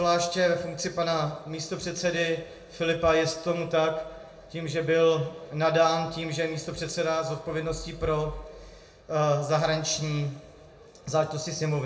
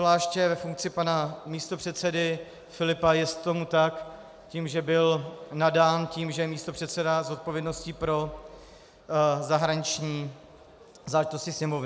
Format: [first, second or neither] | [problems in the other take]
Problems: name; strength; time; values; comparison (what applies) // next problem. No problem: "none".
second | room echo; dies away in 0.6 s